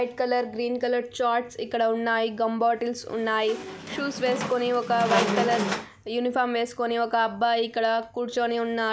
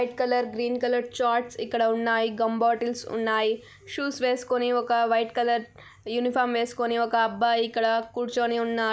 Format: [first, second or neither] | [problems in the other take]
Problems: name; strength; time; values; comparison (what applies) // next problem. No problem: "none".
second | background sound (Squeak); 5 dB below the speech